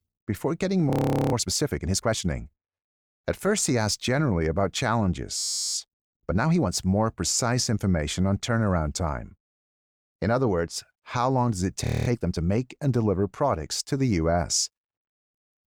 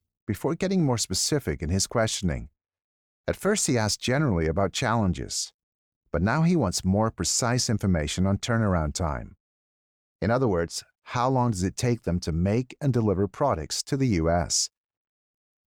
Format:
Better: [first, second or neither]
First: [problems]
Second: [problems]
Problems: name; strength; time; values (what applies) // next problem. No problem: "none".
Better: second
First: audio freezing; at 1 s, at 5.5 s and at 12 s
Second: none